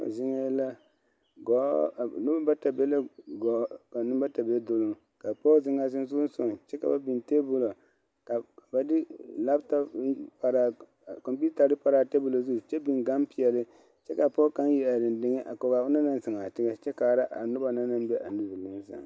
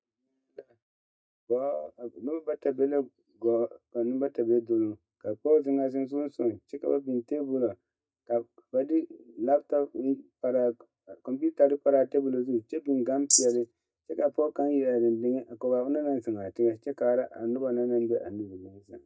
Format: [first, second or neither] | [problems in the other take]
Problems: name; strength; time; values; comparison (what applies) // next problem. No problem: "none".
first | noise reduction (neural mask model DeepFilterNet 3)